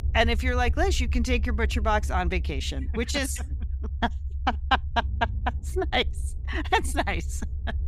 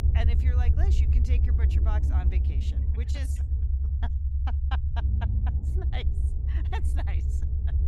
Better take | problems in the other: first | low rumble; loud; throughout; 2 dB below the speech; faint in the first

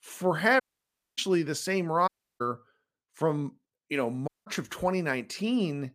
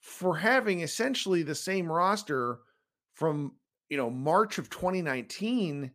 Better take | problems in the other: second | audio cutting out; at 0.5 s for 0.5 s, at 2 s and at 4.5 s

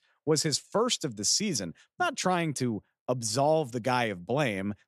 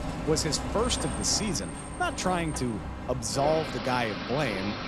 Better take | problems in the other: first | traffic noise; loud; throughout; 6 dB below the speech

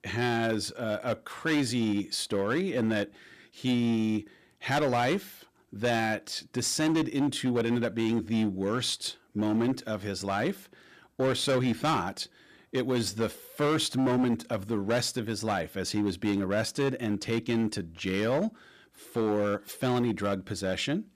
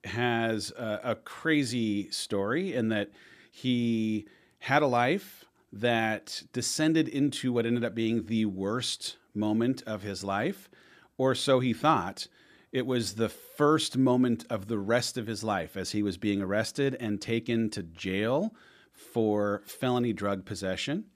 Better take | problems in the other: second | distortion; slight; 10% of the sound clipped

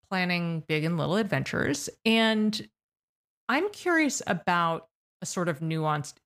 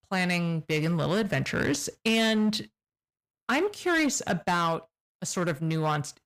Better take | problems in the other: first | distortion; slight; 9% of the sound clipped

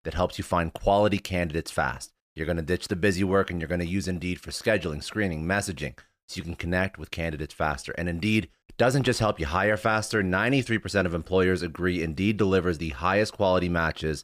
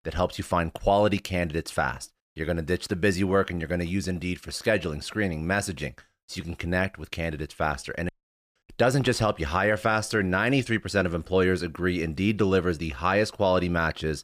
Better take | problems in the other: first | audio cutting out; at 8 s

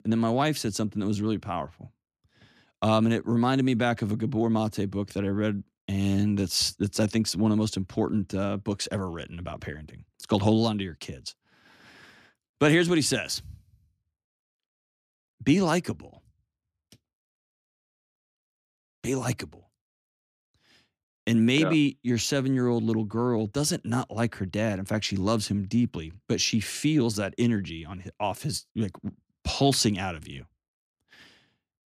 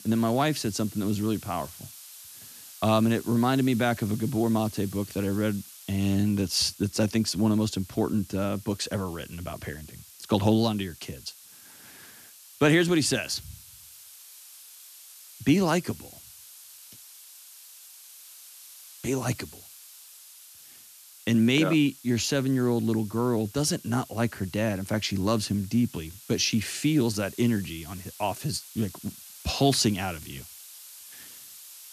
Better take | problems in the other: first | hiss; noticeable; throughout; 20 dB below the speech

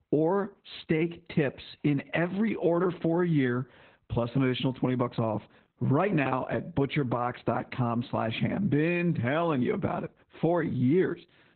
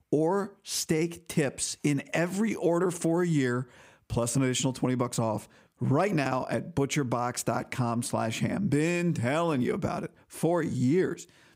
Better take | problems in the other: second | garbled, watery; badly; nothing above 4 kHz

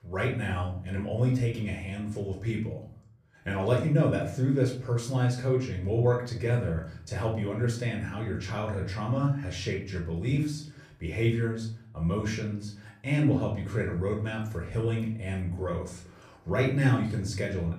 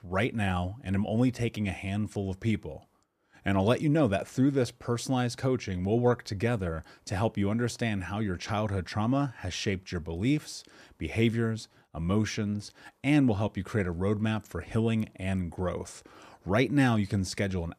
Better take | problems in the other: second | off-mic speech; far // room echo; slight; dies away in 0.5 s

